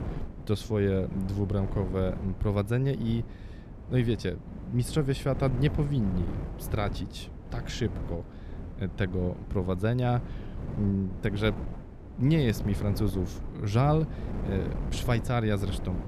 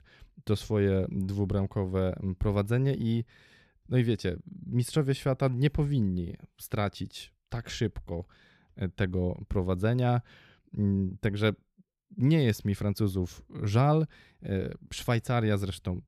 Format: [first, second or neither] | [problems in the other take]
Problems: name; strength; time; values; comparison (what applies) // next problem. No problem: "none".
second | wind noise on the microphone; occasional gusts; 10 dB below the speech